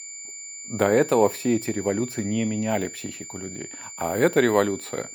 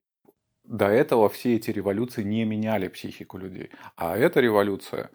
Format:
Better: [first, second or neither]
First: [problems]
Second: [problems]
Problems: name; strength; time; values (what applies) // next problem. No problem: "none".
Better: second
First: high-pitched whine; noticeable; throughout; 7 kHz, 10 dB below the speech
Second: none